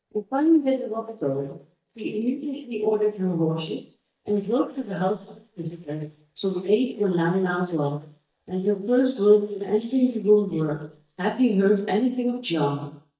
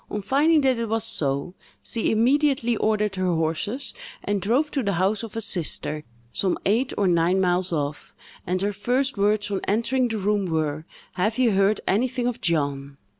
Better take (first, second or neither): second